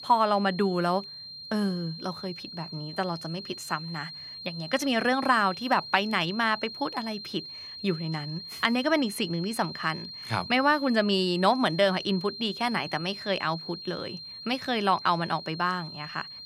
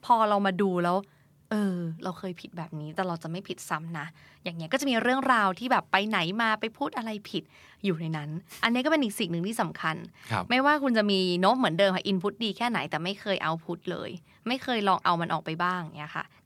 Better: second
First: high-pitched whine; noticeable; throughout; 4 kHz, 10 dB below the speech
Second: none

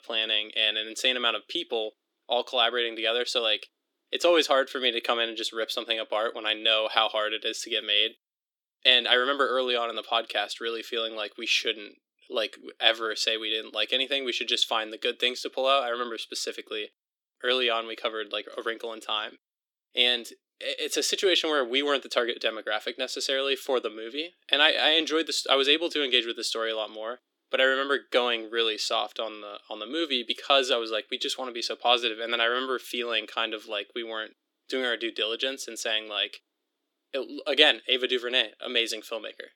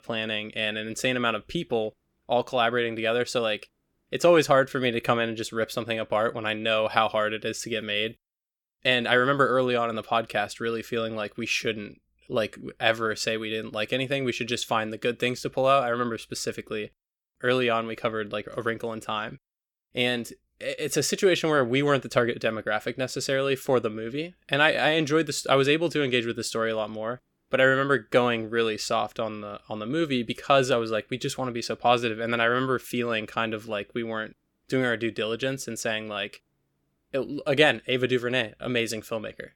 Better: second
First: thin; somewhat; fading below 300 Hz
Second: none

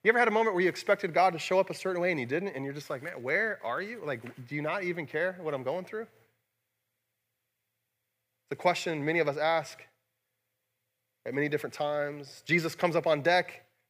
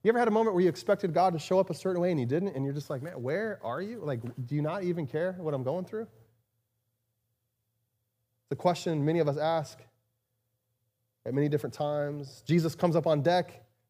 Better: second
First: thin; very slightly; fading below 800 Hz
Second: none

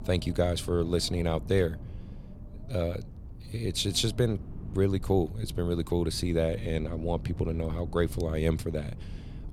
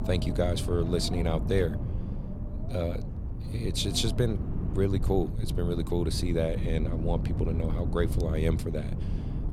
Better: first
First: wind noise on the microphone; occasional gusts; 20 dB below the speech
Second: wind noise on the microphone; heavy; 10 dB below the speech

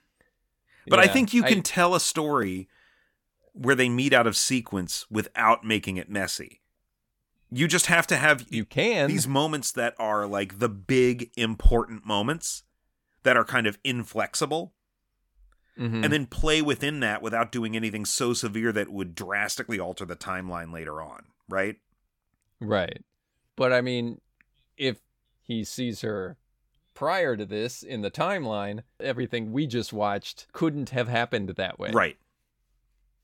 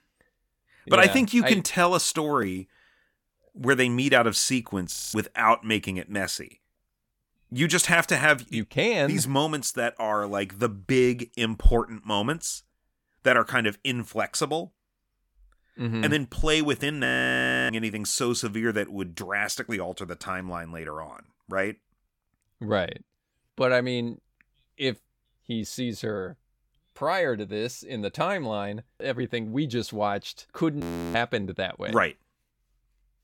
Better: first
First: none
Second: audio freezing; at 5 s, at 17 s for 0.5 s and at 31 s

